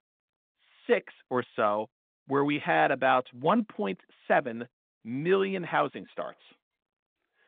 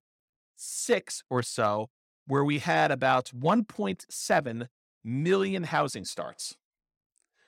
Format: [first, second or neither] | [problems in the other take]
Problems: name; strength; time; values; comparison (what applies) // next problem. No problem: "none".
second | phone-call audio; nothing above 3.5 kHz